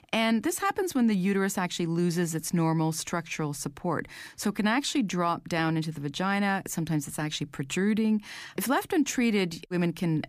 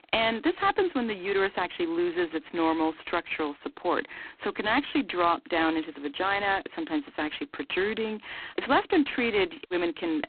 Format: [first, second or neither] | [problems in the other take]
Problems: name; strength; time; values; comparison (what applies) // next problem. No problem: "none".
first | phone-call audio; poor line; nothing above 4 kHz